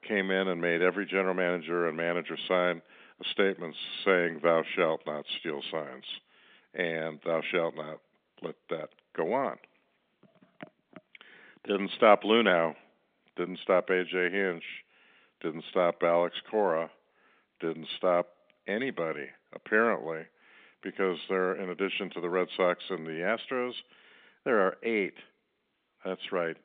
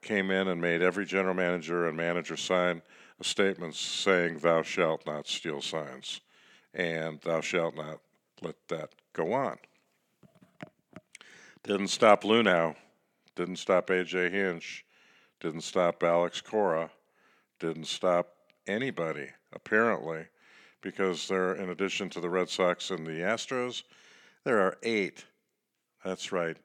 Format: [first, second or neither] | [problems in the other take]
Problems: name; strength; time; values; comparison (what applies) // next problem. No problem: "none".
second | phone-call audio; nothing above 3.5 kHz